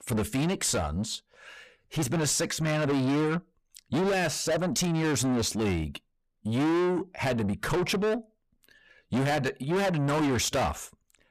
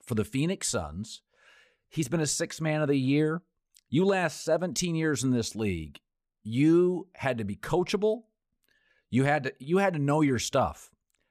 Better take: second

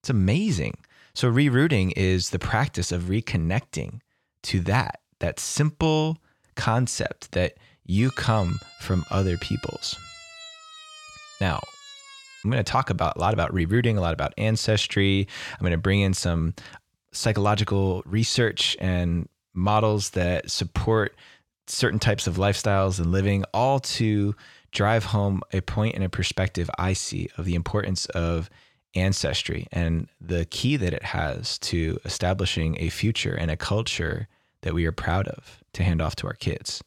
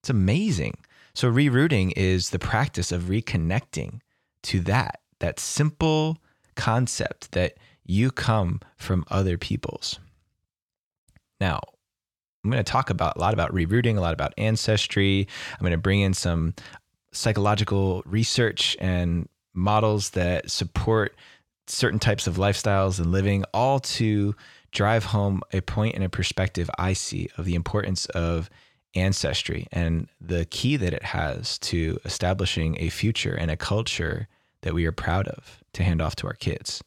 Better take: second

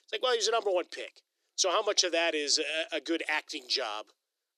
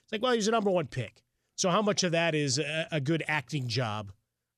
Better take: second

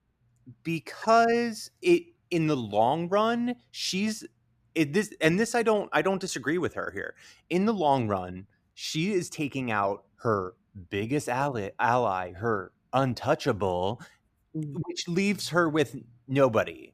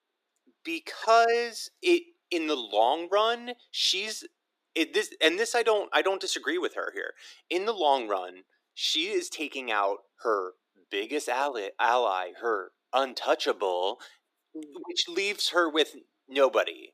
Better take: first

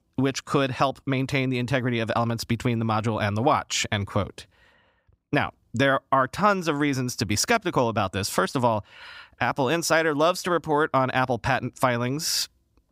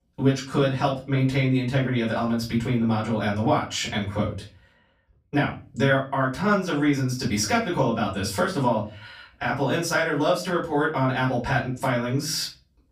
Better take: first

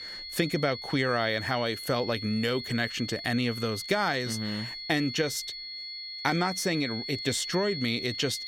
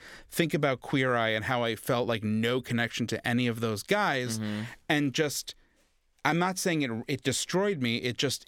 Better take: second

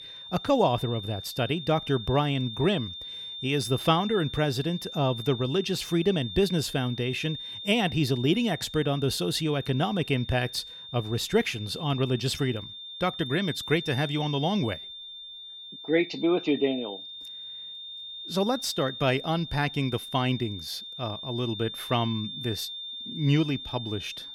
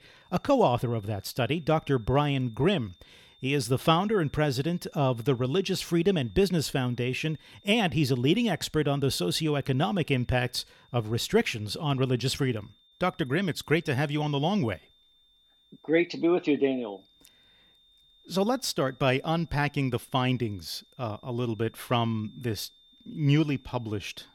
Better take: second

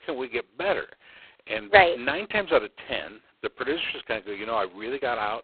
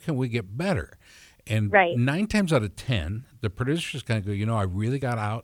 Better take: second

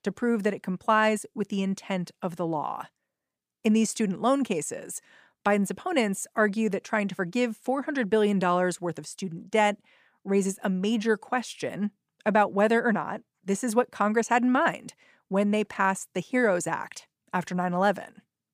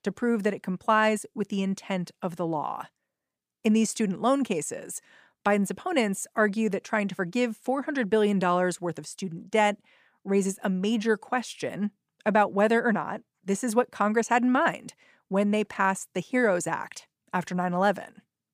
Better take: neither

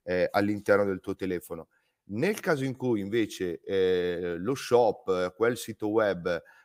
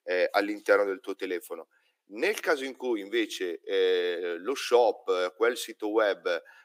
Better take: first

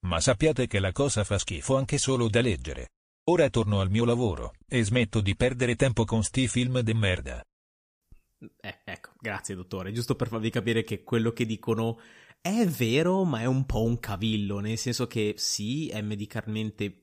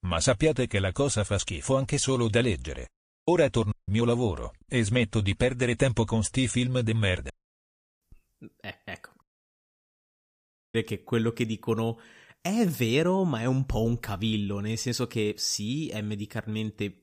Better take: first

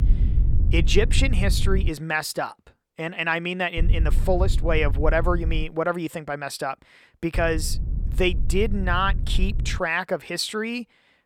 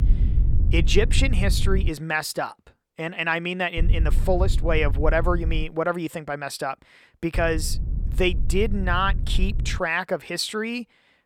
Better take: neither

